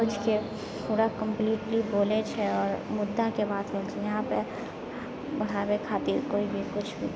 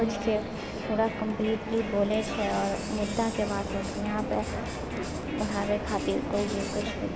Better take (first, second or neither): first